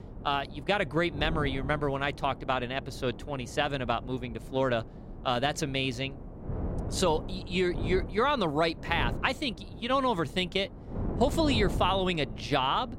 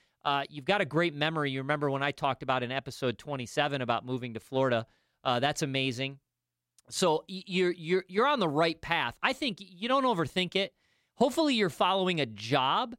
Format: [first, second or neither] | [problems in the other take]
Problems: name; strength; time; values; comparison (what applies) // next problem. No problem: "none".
second | wind noise on the microphone; occasional gusts; 15 dB below the speech